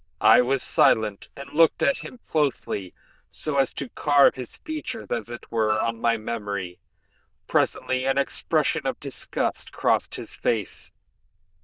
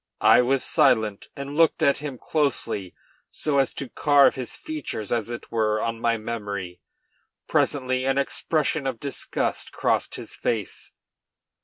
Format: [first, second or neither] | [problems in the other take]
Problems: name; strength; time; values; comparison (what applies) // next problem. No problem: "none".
second | noise reduction (neural diffusion model UNIVERSE++)